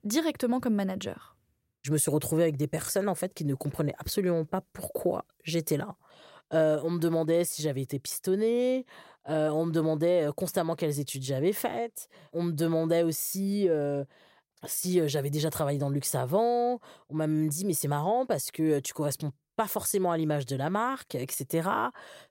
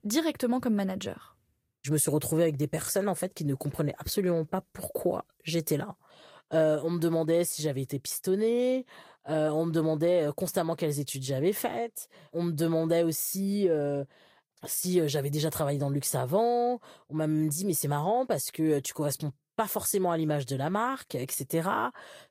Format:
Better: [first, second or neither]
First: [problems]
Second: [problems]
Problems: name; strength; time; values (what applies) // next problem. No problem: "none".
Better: first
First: none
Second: garbled, watery; slightly; nothing above 15 kHz